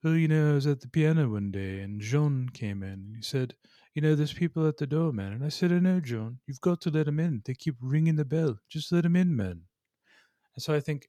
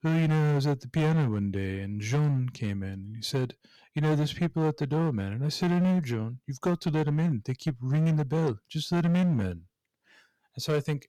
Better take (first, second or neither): first